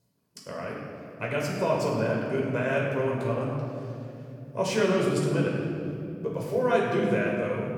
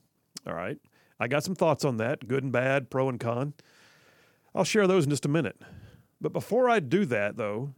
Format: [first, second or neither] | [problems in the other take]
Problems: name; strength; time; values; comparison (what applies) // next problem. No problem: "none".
second | off-mic speech; far // room echo; noticeable; dies away in 2.8 s